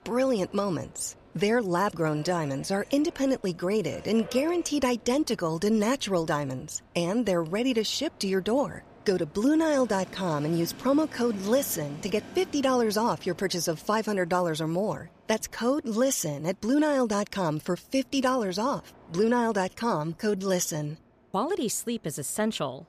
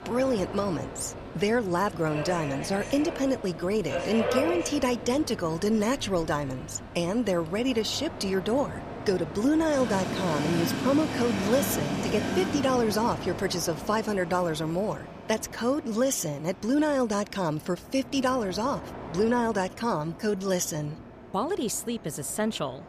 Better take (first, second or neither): first